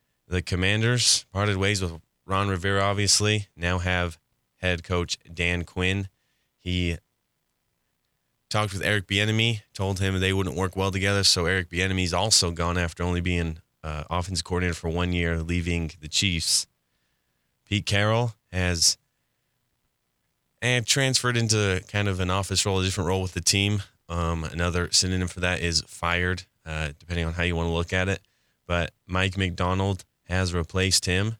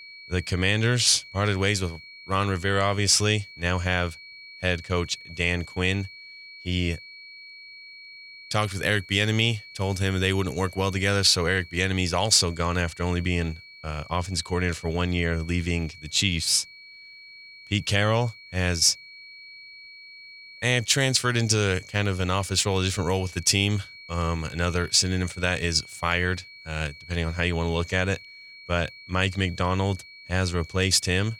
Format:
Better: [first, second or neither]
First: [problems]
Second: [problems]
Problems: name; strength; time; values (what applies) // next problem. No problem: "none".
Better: first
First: none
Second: high-pitched whine; noticeable; throughout; 2.5 kHz, 20 dB below the speech